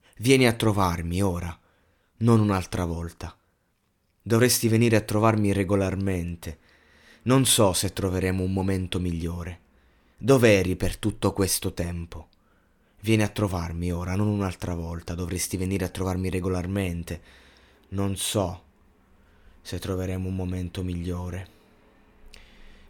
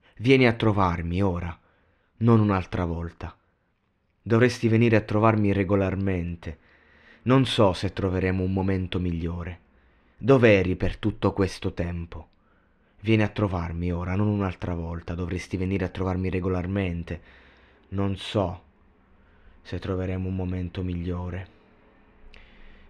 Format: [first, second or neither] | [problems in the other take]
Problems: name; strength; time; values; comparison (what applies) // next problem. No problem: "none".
first | muffled; slightly; fading above 2.5 kHz